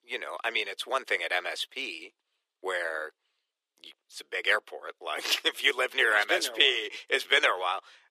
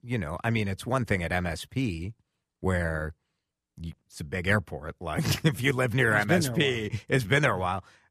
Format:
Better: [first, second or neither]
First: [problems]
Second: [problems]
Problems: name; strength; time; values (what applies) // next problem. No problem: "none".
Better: second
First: thin; very; fading below 350 Hz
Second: none